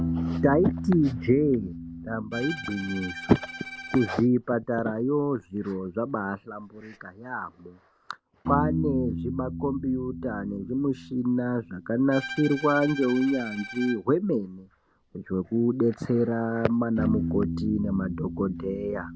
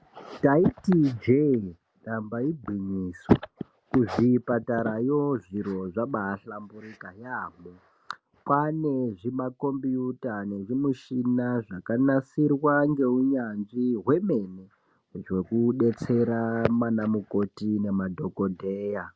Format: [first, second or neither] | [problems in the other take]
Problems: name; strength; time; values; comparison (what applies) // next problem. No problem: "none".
second | background sound (Bowed string instrument + Piano); 8 dB below the speech